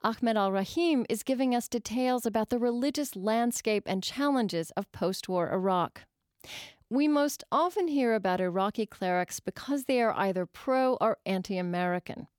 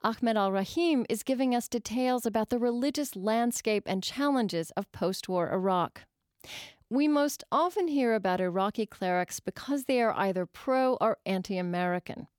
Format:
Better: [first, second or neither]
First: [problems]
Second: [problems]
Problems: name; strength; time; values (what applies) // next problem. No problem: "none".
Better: neither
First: none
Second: none